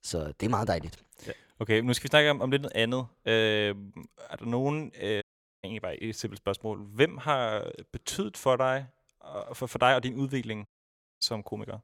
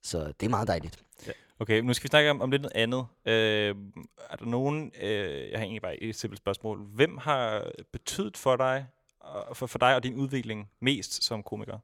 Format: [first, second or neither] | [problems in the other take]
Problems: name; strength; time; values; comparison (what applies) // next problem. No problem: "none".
second | audio cutting out; at 5 s and at 11 s for 0.5 s